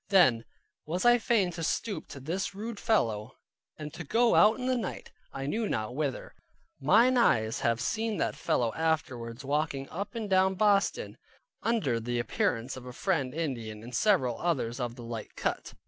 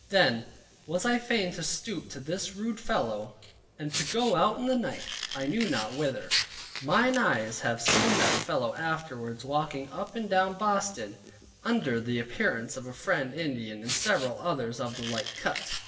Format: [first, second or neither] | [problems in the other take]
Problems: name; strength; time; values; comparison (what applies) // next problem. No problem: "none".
first | background sound (Fire); 7 dB below the speech // room echo; dies away in 0.7 s